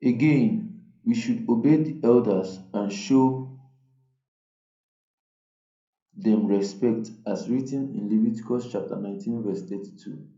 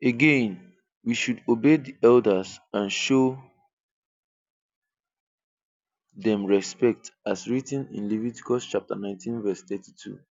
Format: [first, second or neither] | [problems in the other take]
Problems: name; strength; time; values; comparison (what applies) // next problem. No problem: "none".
second | room echo; dies away in 0.5 s